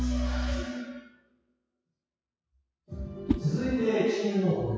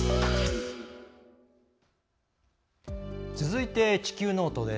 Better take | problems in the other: second | noise reduction (classical method WPE with log-MMSE)

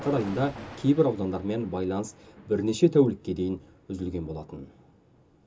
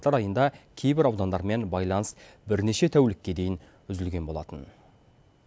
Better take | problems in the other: second | background sound (Thunder); 19 dB below the speech // room echo; dies away in 0.2 s

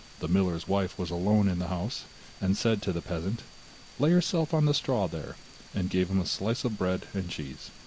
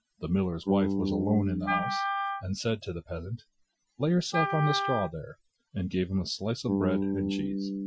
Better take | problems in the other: first | noise reduction (classical method Wiener filter)

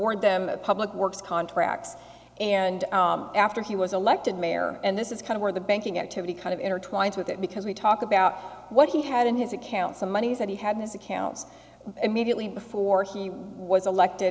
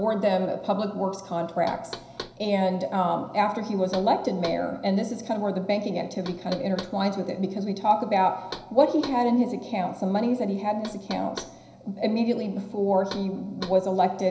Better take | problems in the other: first | background sound (Knock); 19 dB below the speech // room echo; dies away in 0.5 s

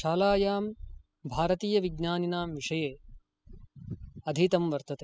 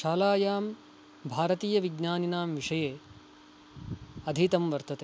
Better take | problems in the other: second | noise reduction (classical method spectral subtraction)

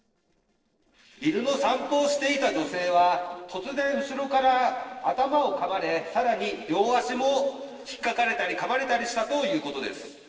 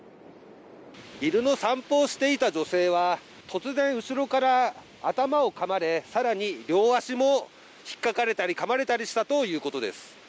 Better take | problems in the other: second | noise reduction (neural separator model SepFormer DNS4)

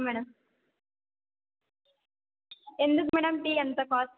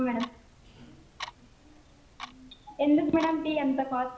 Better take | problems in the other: first | background sound (Clock); 17 dB below the speech // room echo; dies away in 0.5 s

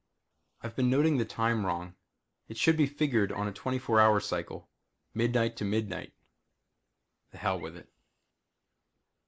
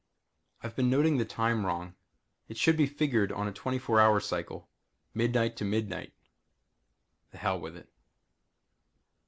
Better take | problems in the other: second | noise reduction (neural mask model Resemble Enhance denoiser)

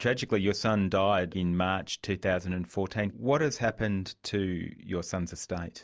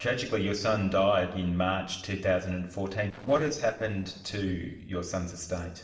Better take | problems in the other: first | noise reduction (neural separator model SepFormer DNS4)

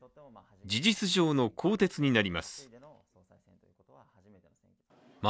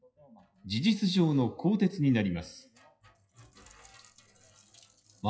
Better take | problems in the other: first | noise reduction (classical method WPE with log-MMSE)

